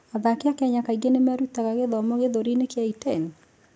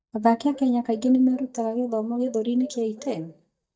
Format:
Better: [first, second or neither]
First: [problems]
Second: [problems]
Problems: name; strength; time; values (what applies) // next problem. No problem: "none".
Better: first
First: none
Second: noise reduction (neural mask model DeepFilterNet 3)